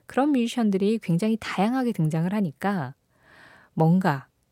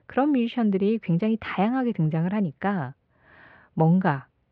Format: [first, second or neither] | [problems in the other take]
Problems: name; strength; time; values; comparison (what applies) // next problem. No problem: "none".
first | muffled; very; fading above 3 kHz